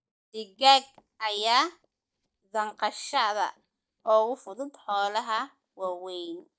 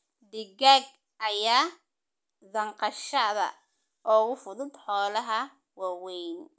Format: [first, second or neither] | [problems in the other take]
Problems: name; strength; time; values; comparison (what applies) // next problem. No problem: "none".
second | noise reduction (neural mask model DeepFilterNet 3)